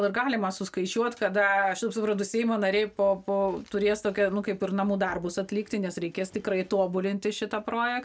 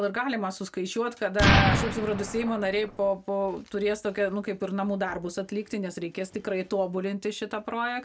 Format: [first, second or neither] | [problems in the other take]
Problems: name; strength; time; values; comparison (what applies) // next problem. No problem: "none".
first | background sound (Explosion); 4 dB above the speech